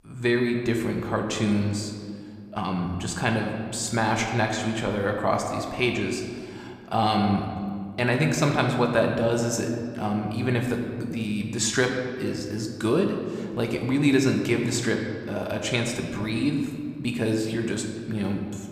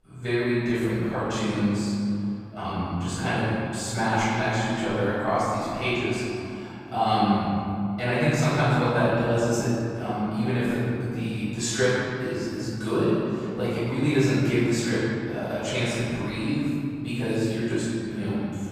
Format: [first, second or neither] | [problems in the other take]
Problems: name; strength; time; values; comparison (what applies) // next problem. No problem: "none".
first | room echo; strong; dies away in 2.5 s; slight in the first // off-mic speech; far